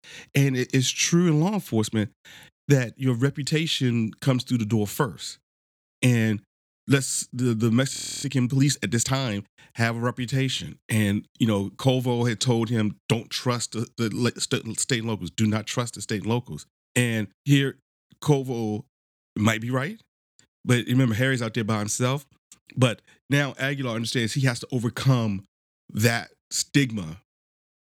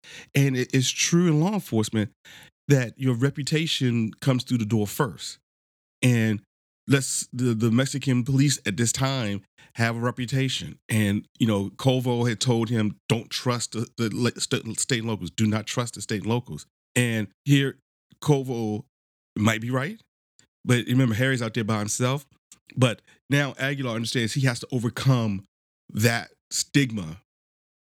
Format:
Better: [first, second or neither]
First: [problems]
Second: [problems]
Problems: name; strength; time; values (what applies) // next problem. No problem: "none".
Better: second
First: audio freezing; at 8 s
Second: none